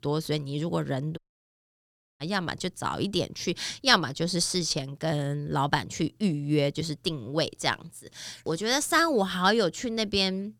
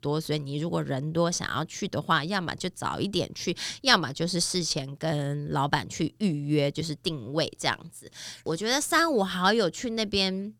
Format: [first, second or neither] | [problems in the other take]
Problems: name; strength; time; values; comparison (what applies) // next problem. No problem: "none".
second | audio cutting out; at 1 s for 1 s